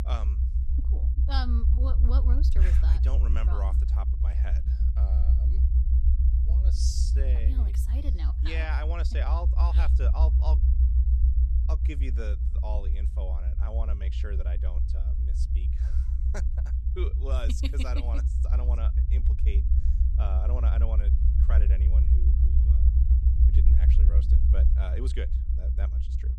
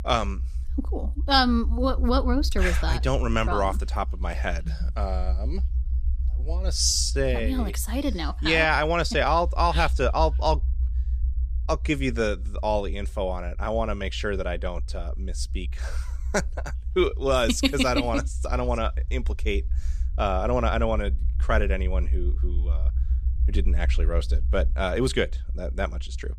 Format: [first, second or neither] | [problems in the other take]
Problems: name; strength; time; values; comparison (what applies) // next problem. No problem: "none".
second | low rumble; loud; throughout; 4 dB below the speech; faint in the second